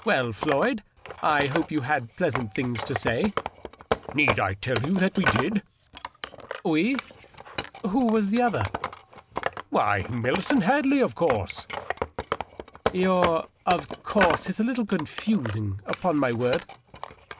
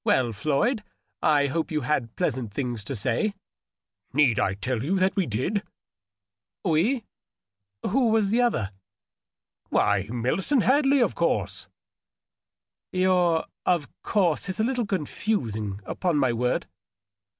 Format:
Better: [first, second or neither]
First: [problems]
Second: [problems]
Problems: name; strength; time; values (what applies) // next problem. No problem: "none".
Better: second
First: background sound (Wood); 7 dB below the speech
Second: none